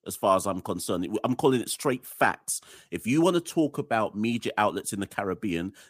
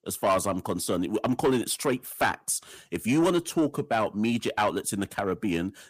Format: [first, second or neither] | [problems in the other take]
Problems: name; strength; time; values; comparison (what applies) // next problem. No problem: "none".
first | distortion; slight; 10 dB below the speech